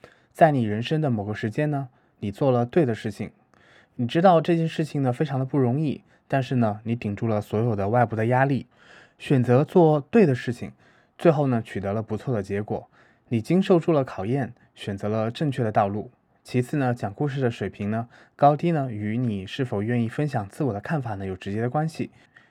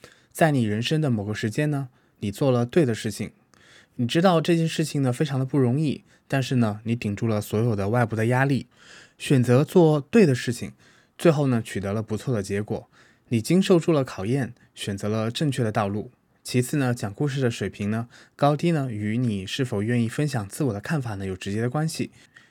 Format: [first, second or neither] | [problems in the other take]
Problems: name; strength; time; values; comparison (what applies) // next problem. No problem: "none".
second | muffled; slightly; fading above 4 kHz